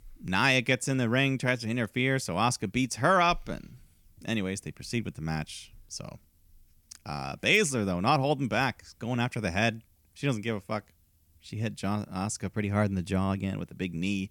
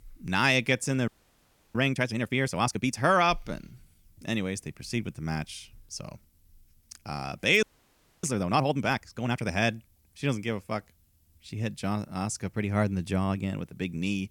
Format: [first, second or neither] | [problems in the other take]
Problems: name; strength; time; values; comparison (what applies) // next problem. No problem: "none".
first | audio freezing; at 1 s for 0.5 s and at 7.5 s for 0.5 s